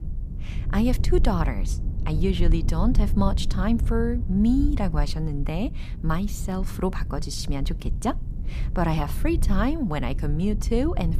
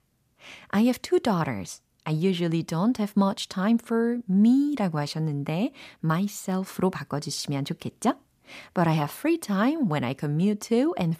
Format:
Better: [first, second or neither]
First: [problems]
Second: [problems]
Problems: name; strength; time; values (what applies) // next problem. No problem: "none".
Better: second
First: low rumble; noticeable; throughout; 15 dB below the speech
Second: none